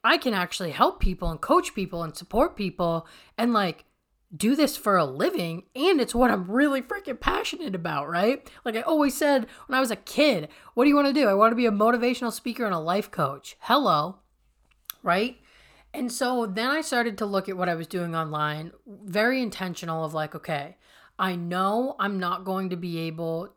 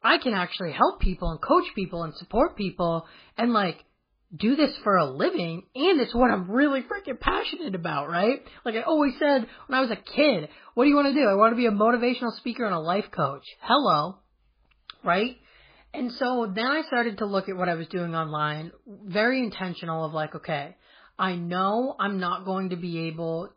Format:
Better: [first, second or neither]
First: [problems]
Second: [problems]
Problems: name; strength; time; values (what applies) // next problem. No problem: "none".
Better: first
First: none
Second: garbled, watery; badly; nothing above 4 kHz